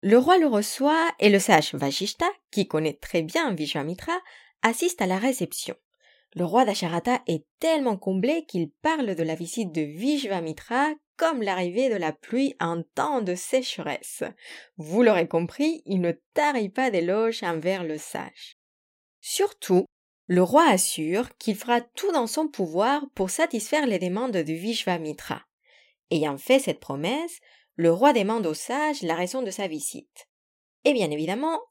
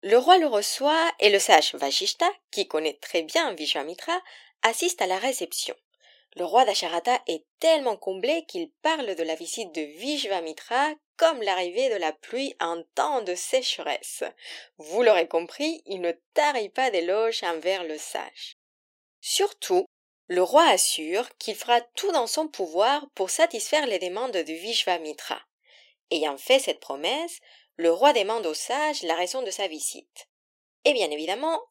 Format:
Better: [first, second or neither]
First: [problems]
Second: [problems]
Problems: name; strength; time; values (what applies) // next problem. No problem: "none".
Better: first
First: none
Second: thin; somewhat; fading below 350 Hz